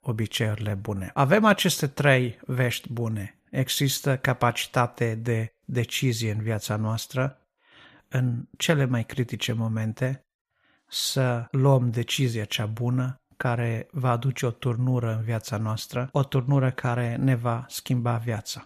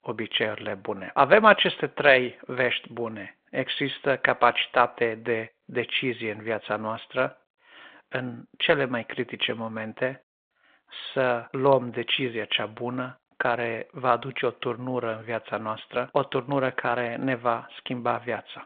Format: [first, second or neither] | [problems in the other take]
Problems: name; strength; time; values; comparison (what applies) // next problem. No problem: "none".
first | phone-call audio